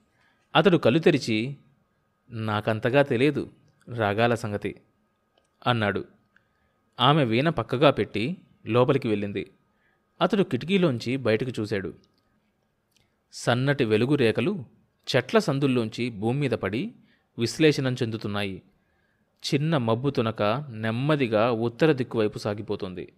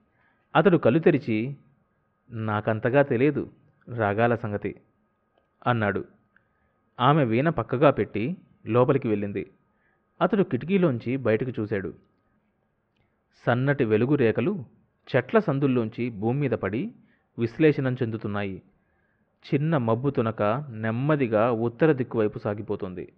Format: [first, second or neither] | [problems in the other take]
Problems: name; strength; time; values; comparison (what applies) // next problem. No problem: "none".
first | muffled; very; fading above 2 kHz